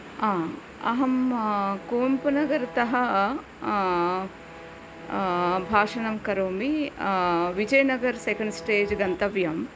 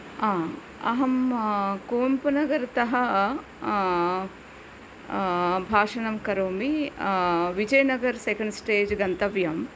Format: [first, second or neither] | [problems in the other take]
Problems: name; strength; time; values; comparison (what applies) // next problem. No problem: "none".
second | background sound (Bowed string instrument); 19 dB below the speech